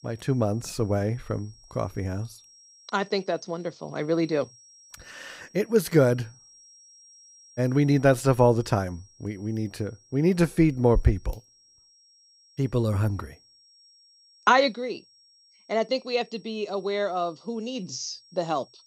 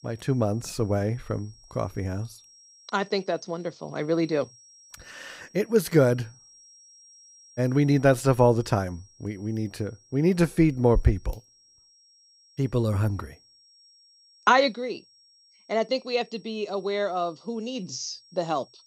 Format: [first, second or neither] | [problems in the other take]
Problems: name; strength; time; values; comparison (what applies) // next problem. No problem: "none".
neither | high-pitched whine; faint; throughout; 5.5 kHz, 30 dB below the speech; the same in both